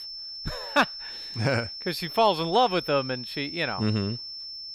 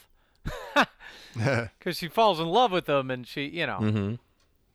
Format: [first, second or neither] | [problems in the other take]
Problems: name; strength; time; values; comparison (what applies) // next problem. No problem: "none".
second | high-pitched whine; loud; throughout; 5.5 kHz, 9 dB below the speech